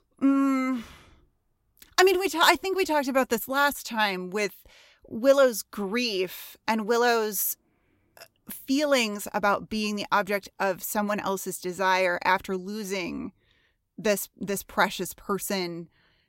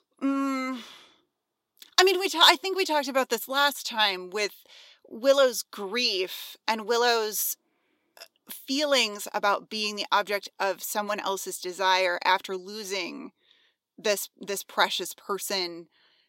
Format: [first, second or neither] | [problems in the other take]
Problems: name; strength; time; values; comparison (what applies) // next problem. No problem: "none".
first | thin; very slightly; fading below 350 Hz